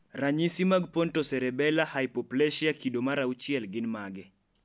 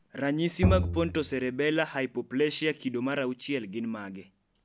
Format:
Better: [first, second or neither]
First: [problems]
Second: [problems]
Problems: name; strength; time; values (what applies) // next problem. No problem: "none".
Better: first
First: none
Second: background sound (Bowed string instrument); as loud as the speech